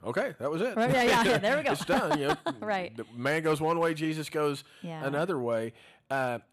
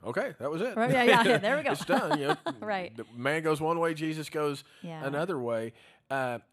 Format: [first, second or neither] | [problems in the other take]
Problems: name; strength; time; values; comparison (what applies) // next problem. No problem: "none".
second | distortion; slight; 5% of the sound clipped